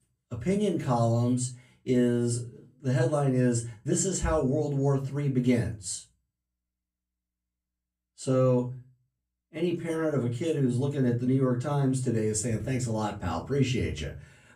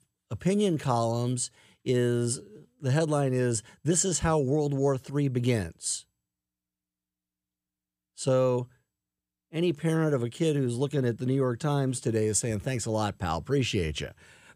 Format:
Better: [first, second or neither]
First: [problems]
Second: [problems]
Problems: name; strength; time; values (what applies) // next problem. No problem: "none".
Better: second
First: off-mic speech; far // room echo; very slight; dies away in 0.3 s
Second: none